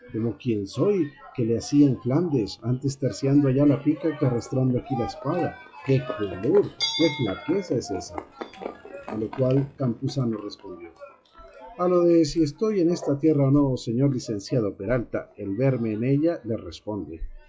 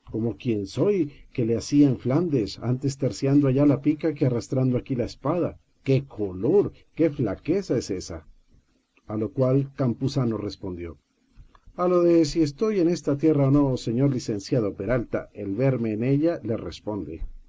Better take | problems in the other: second | noise reduction (classical method log-MMSE)

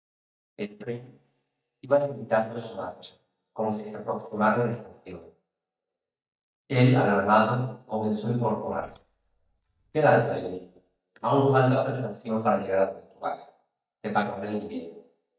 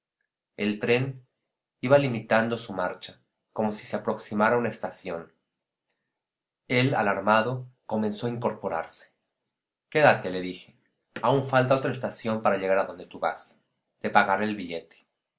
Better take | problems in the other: second | noise reduction (neural mask model DeepFilterNet 3)

